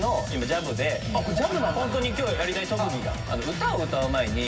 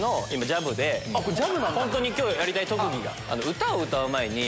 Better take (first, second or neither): second